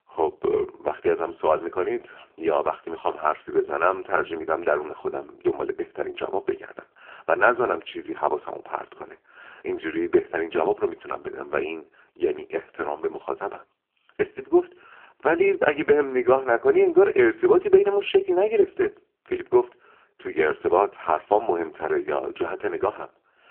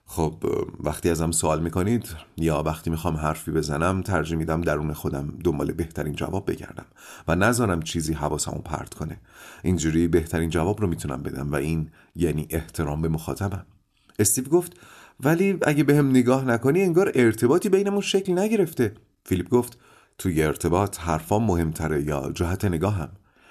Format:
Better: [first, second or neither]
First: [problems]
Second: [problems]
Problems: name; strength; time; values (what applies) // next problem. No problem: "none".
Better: second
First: phone-call audio; poor line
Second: none